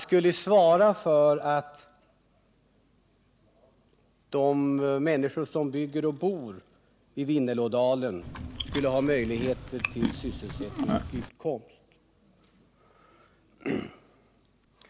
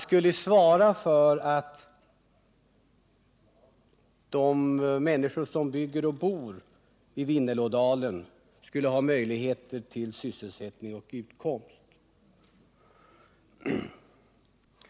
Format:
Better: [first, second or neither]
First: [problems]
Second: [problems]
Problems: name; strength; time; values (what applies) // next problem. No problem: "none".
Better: second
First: background sound (Chewing, mastication); 6 dB below the speech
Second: none